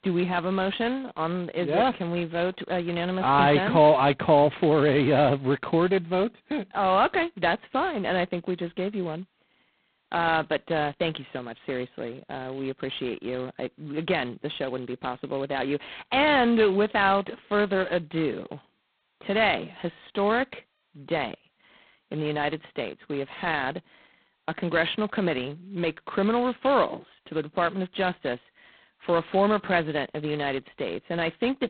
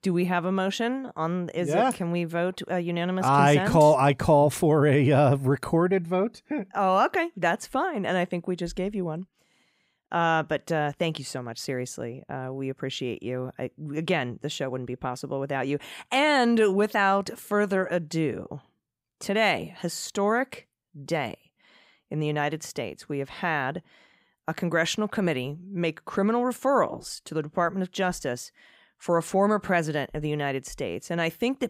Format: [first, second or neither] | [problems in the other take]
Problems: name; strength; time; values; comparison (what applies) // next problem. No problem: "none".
second | phone-call audio; poor line; nothing above 4 kHz